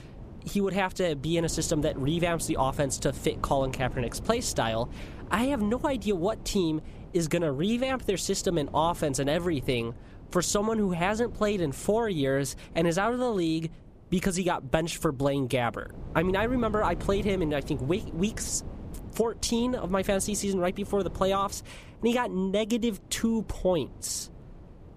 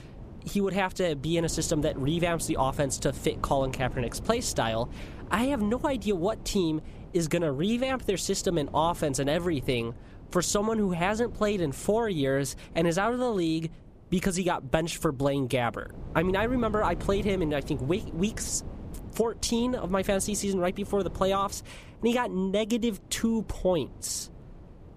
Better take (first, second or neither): neither